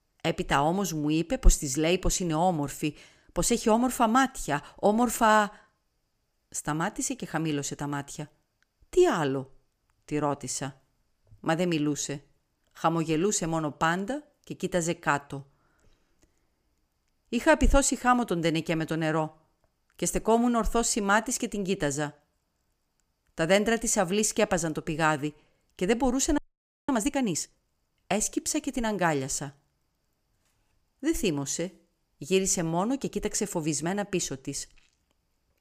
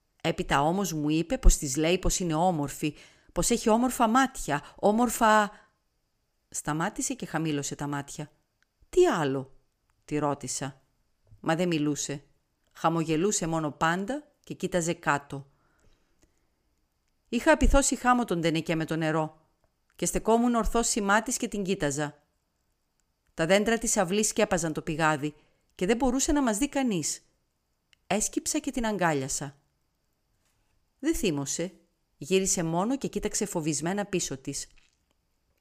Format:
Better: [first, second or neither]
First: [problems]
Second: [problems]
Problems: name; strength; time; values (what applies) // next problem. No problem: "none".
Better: second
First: audio freezing; at 26 s for 0.5 s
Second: none